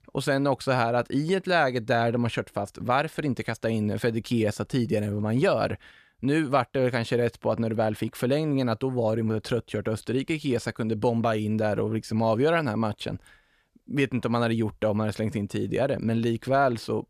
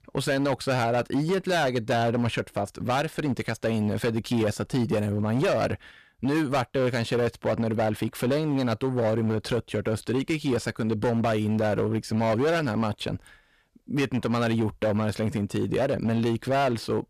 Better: first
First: none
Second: distortion; slight; 14% of the sound clipped

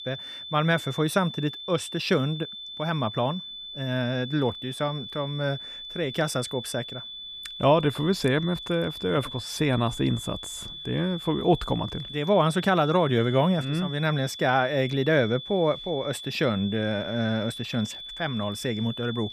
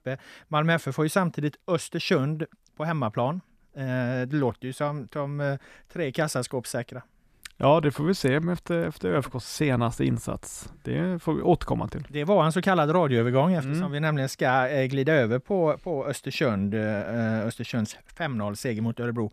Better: second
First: high-pitched whine; loud; throughout; 3.5 kHz, 10 dB below the speech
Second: none

